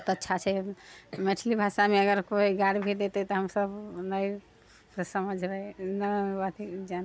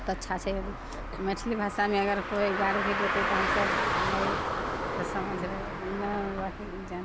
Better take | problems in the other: first | background sound (Car); as loud as the speech

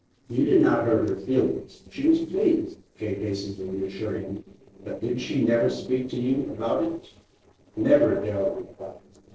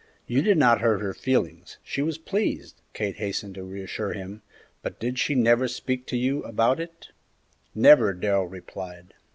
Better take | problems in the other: second | noise reduction (neural separator model SepFormer DNS4)

